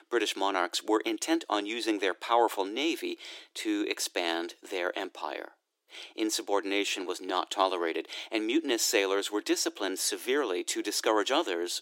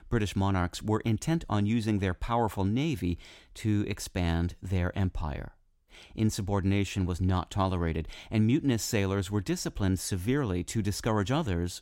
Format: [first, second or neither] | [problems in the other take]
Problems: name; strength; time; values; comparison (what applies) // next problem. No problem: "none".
second | thin; very; fading below 300 Hz